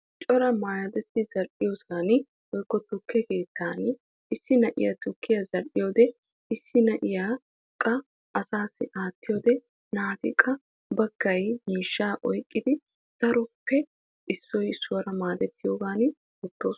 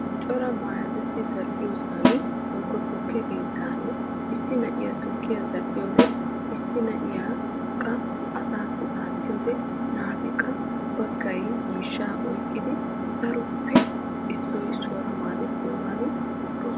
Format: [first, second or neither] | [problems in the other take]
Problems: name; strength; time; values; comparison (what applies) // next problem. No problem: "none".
first | background sound (Engine + Snare drum); 5 dB above the speech